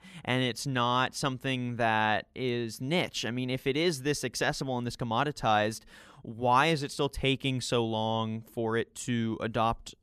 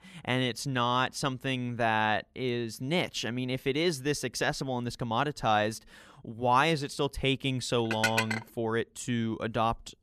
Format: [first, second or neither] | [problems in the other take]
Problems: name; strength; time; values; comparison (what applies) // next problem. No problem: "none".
first | clattering dishes; loud; at 8 s; peak 1 dB above the speech